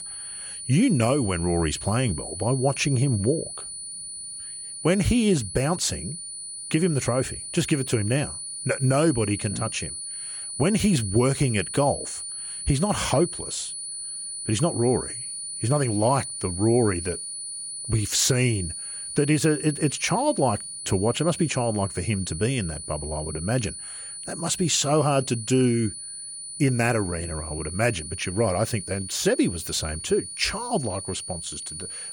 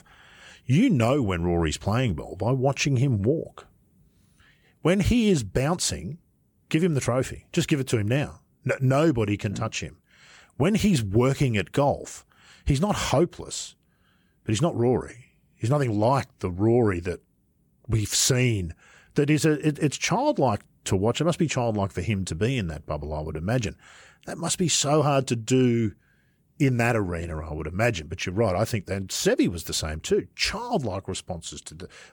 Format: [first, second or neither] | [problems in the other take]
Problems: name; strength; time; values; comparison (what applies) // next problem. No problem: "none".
second | high-pitched whine; loud; throughout; 9.5 kHz, 8 dB below the speech